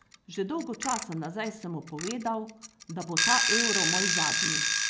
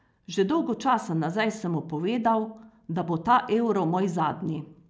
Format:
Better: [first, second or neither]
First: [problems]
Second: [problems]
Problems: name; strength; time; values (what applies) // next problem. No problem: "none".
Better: second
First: background sound (Alarm / Clock); 4 dB above the speech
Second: none